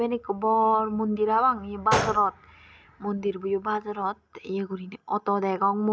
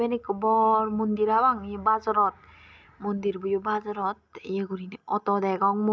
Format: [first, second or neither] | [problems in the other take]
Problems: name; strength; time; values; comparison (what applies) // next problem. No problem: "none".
second | background sound (Gunshot, gunfire); 7 dB below the speech